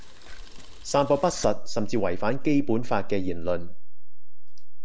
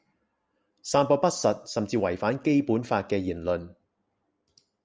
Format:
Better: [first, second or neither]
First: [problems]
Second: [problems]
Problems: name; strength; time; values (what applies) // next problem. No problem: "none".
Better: second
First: background sound (Mechanisms / Bicycle); 3 dB above the speech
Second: none